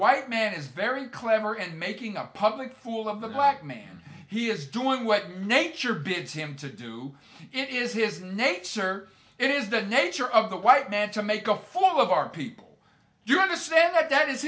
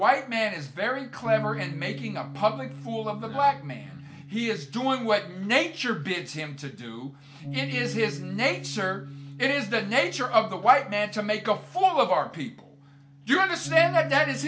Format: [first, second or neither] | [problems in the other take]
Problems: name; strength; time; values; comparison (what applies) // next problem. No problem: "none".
first | background sound (Bass guitar); 13 dB below the speech